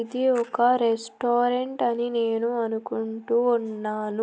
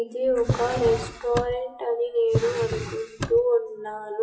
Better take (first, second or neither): first